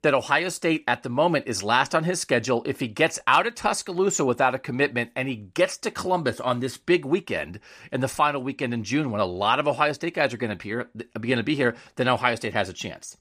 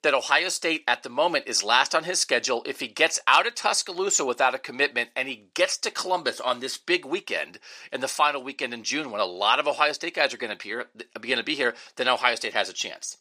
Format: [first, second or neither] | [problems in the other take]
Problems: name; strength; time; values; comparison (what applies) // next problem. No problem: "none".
first | thin; somewhat; fading below 400 Hz